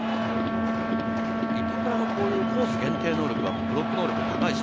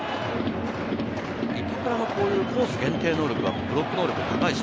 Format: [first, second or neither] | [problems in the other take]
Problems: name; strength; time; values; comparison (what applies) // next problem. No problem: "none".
second | background sound (Wind instrument, woodwind instrument); as loud as the speech